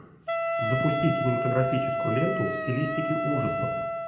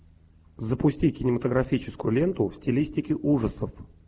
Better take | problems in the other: second | background sound (Wind instrument, woodwind instrument); as loud as the speech // room echo; dies away in 0.7 s

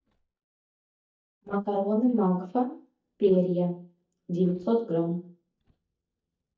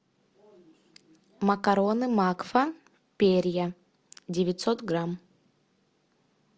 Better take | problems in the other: second | noise reduction (neural mask model DeepFilterNet 3)

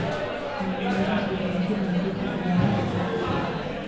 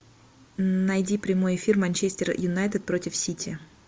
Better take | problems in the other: second | background sound (Microwave oven); 1 dB above the speech // room echo; dies away in 0.9 s

